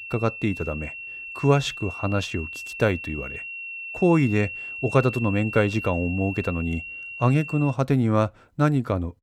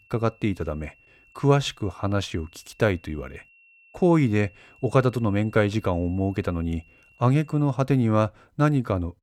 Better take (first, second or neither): second